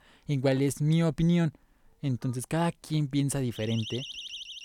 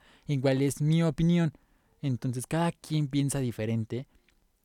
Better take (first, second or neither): second